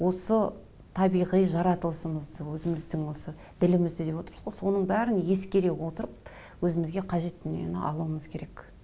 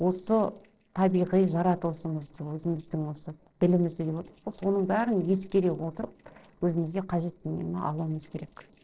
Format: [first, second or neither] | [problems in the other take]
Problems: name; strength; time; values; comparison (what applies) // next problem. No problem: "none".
first | noise reduction (neural separator model SepFormer DNS4)